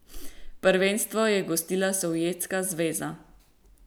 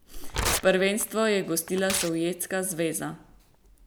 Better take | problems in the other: first | background sound (Tearing); 8 dB below the speech

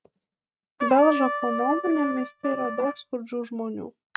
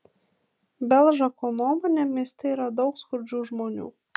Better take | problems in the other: second | noise reduction (neural mask model RNNoise)

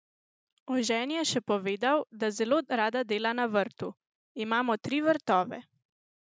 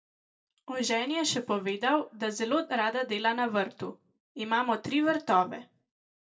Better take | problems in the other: first | room echo; dies away in 0.2 s

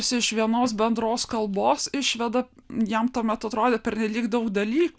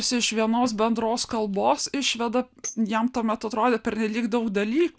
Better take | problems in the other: first | noise reduction (neural mask model DeepFilterNet 3)

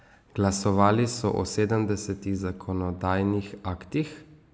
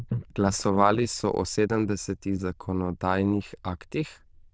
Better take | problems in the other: first | noise reduction (neural diffusion model UNIVERSE++)

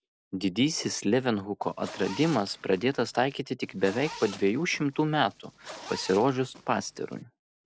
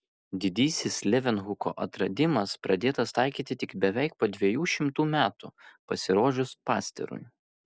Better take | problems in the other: second | background sound (Zipper (clothing)); 17 dB below the speech

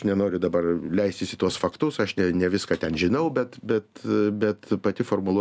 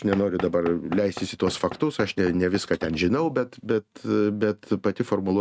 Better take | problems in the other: first | noise reduction (neural mask model RNNoise)

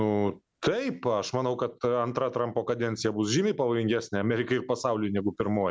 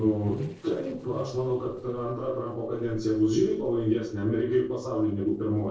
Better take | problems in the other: first | noise reduction (neural separator model SepFormer DNS4)

